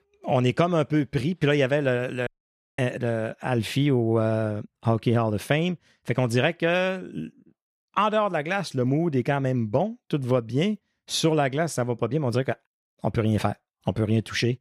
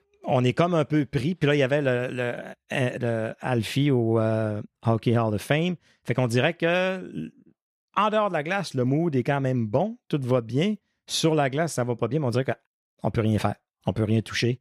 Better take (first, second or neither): second